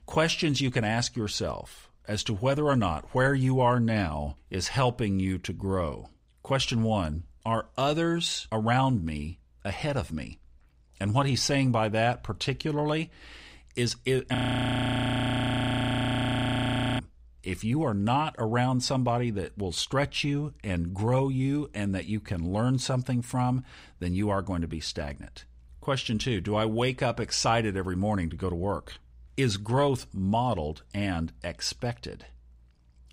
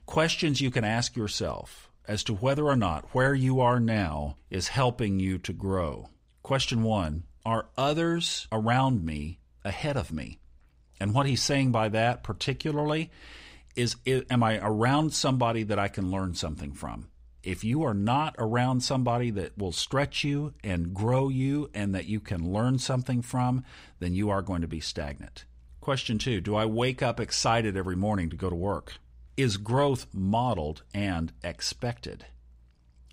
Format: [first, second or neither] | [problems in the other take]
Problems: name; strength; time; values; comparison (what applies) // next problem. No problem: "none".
second | audio freezing; at 14 s for 2.5 s